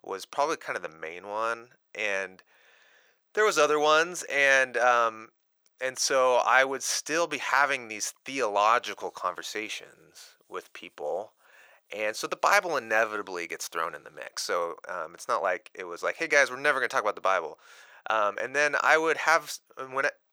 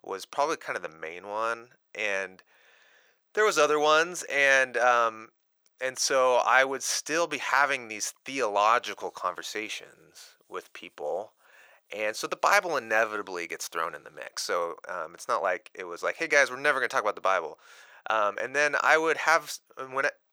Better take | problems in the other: neither | thin; very; fading below 750 Hz; the same in both

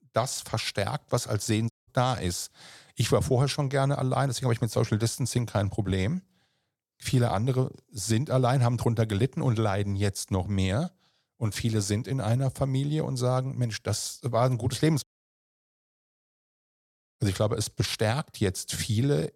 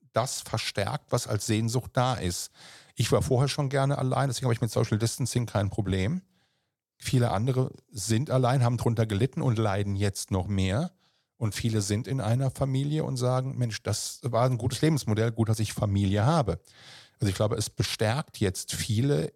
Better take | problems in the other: second | audio cutting out; at 1.5 s and at 15 s for 2 s

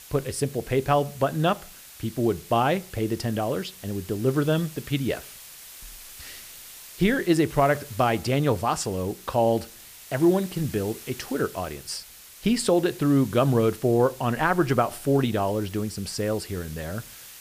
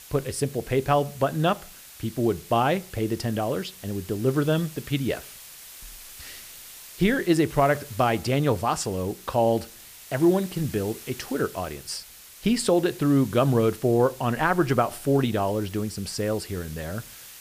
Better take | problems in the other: neither | hiss; noticeable; throughout; 15 dB below the speech; the same in both

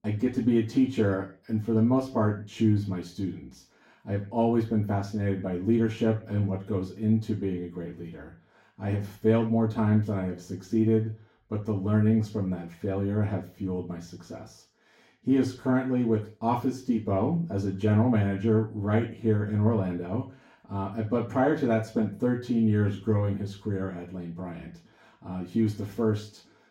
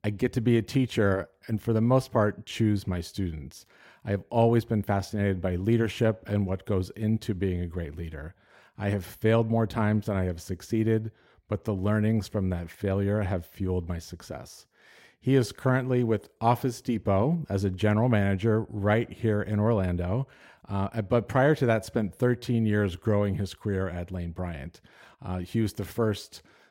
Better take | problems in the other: second | room echo; slight; dies away in 0.3 s // off-mic speech; far

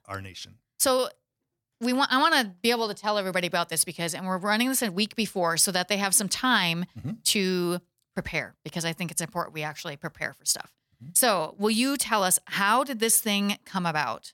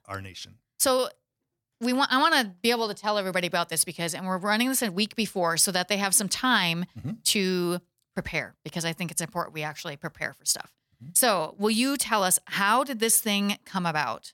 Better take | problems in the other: neither | none

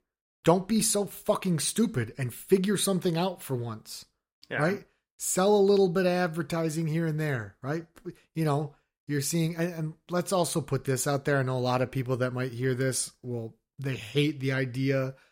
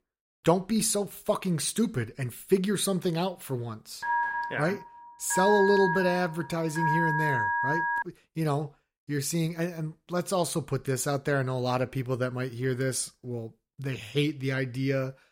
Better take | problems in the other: first | phone ringing; loud; from 4 to 8 s; peak 3 dB above the speech

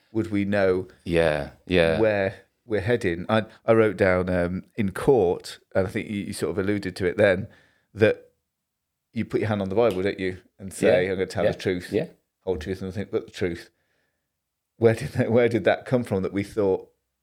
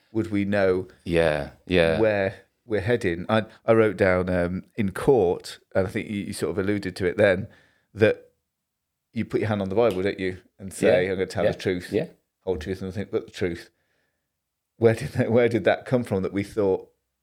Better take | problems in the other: neither | none

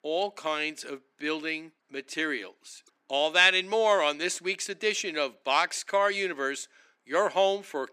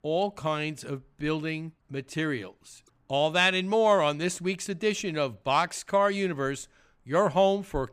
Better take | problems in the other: second | thin; somewhat; fading below 300 Hz

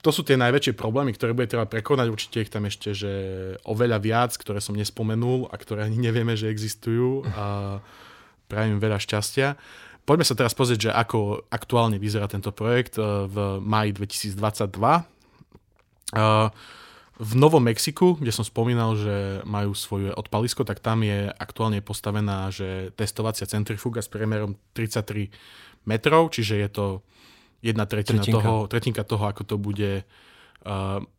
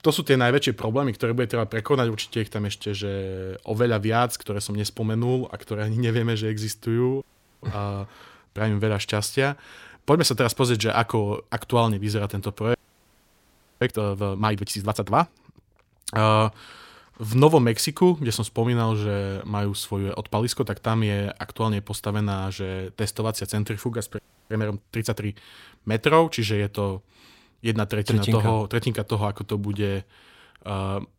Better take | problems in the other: first | audio freezing; at 7 s, at 13 s for 1 s and at 24 s

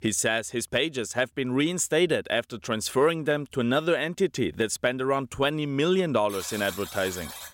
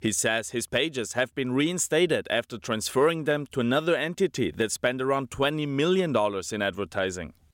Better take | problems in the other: second | alarm; faint; from 6.5 s on; peak 10 dB below the speech

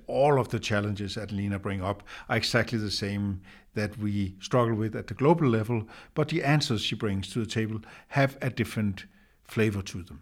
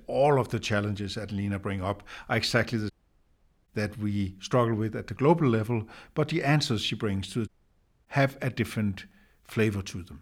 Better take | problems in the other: first | audio cutting out; at 3 s for 1 s and at 7.5 s for 0.5 s

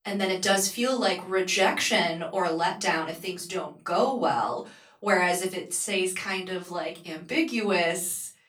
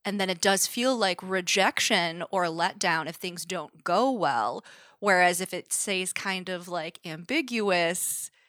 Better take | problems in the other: second | off-mic speech; far // room echo; very slight; dies away in 0.3 s

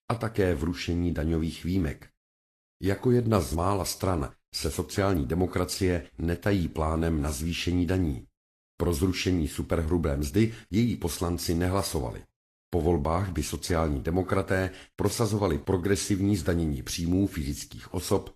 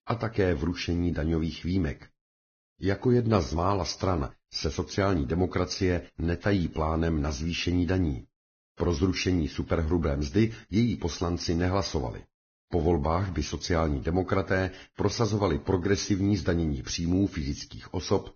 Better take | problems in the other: first | garbled, watery; badly; nothing above 6.5 kHz; slightly in the first

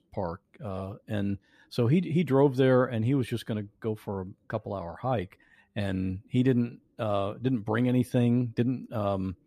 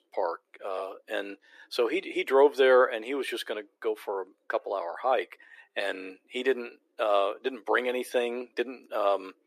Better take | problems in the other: first | thin; very; fading below 350 Hz

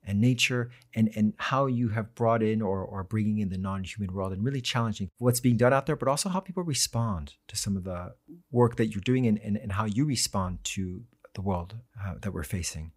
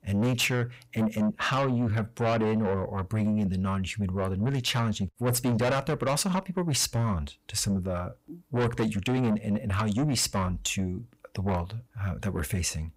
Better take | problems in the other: first | distortion; heavy; 7 dB below the speech

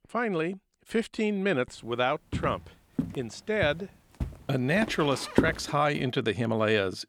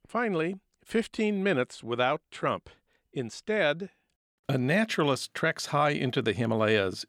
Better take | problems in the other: second | footsteps; loud; from 2.5 to 5.5 s; peak 1 dB above the speech

